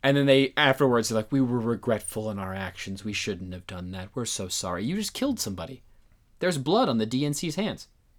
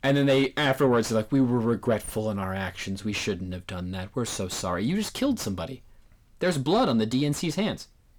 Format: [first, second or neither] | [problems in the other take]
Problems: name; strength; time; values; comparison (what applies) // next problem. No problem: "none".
first | distortion; slight; 10 dB below the speech